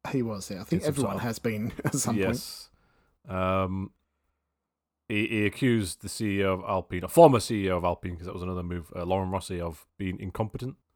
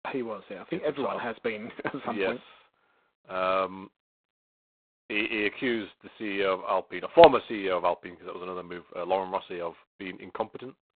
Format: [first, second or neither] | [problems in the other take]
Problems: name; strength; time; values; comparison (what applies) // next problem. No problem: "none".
first | phone-call audio; poor line; nothing above 4 kHz